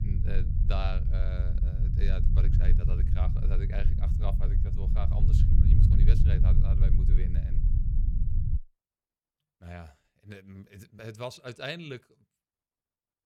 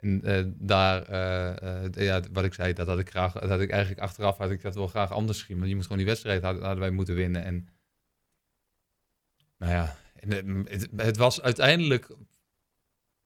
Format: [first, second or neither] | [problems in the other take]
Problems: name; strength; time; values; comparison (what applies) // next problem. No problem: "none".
second | low rumble; loud; until 8.5 s; 2 dB below the speech